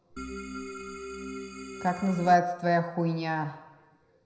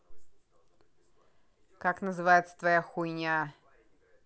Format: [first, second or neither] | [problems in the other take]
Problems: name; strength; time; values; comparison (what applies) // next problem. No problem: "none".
second | background sound (Organ); 9 dB below the speech // room echo; dies away in 0.9 s